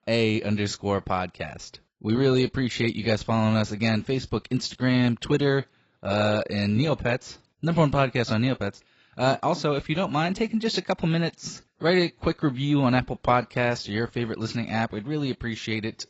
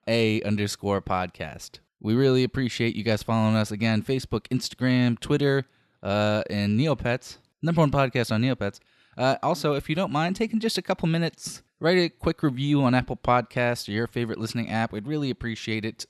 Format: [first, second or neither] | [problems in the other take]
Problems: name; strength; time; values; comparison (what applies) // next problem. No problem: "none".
second | garbled, watery; badly; nothing above 7.5 kHz